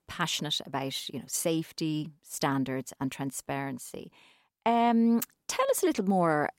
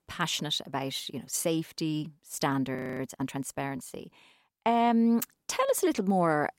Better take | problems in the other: first | audio freezing; at 3 s

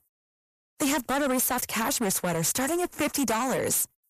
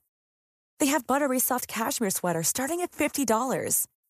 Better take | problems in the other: second | distortion; heavy; 19% of the sound clipped

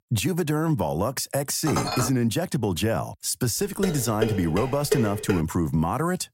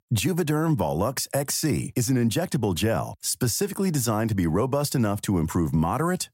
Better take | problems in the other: second | clattering dishes; noticeable; at 1.5 s and from 4 to 5.5 s; peak 2 dB below the speech

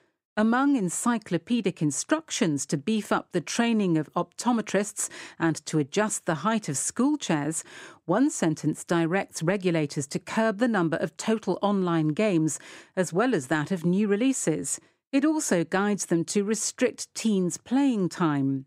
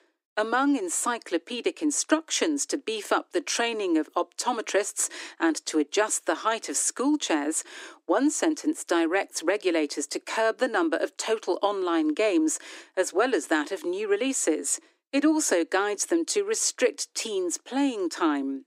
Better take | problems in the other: first | thin; somewhat; fading below 300 Hz

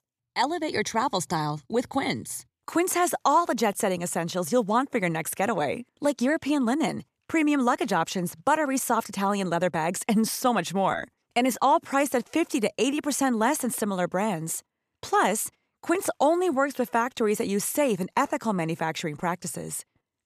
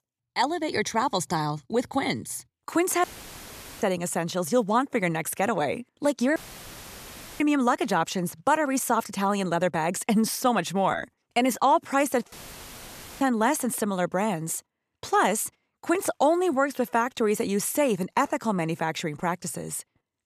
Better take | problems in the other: first | audio cutting out; filled with static; at 3 s for 1 s, at 6.5 s for 1 s and at 12 s for 1 s

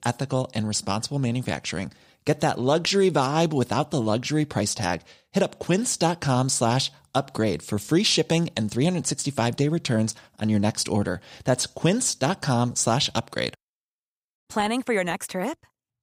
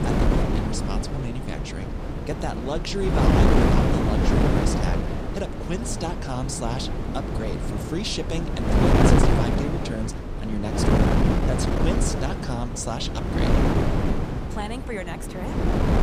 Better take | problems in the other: first | wind noise on the microphone; heavy; 4 dB above the speech

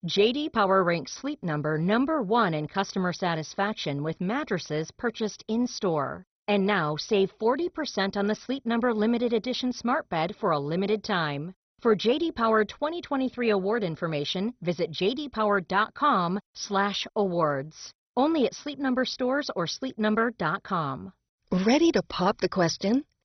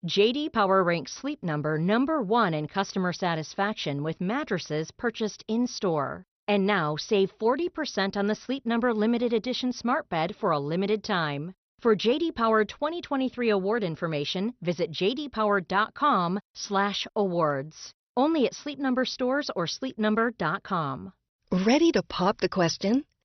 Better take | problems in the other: second | garbled, watery; badly; nothing above 6 kHz; slightly in the second

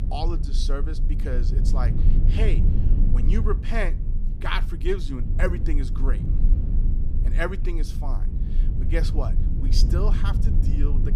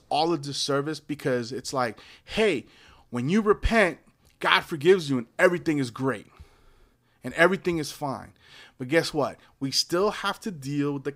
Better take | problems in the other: second | low rumble; loud; throughout; 8 dB below the speech

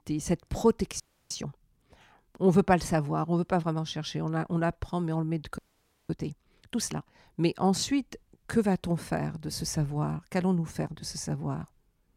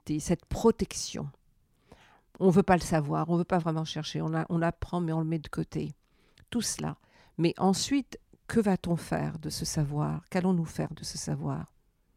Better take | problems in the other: second | audio freezing; at 1 s and at 5.5 s for 0.5 s

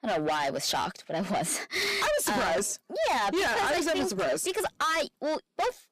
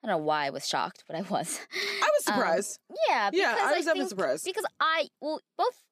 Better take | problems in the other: second | distortion; heavy; 6 dB below the speech

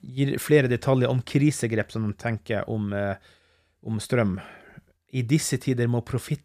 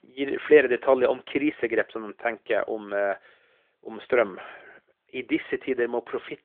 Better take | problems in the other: first | phone-call audio

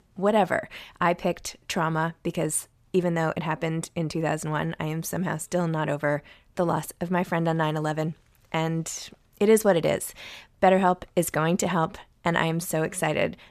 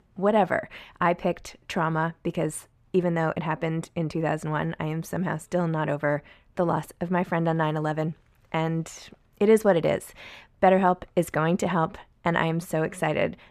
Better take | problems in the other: first | muffled; slightly; fading above 3.5 kHz

